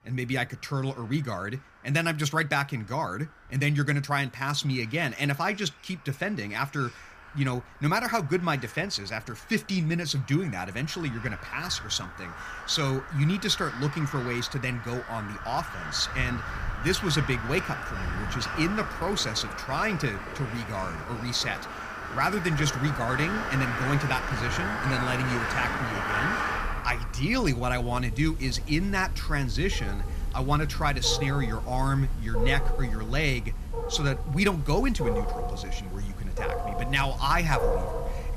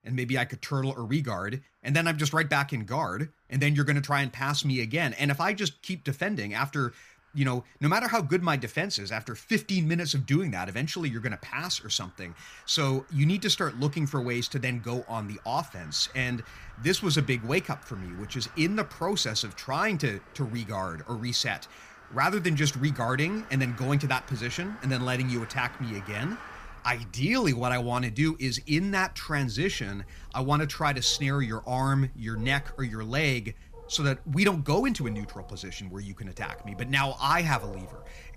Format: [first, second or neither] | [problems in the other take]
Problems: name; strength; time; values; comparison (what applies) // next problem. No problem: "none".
second | animal sounds; loud; throughout; 5 dB below the speech; faint in the second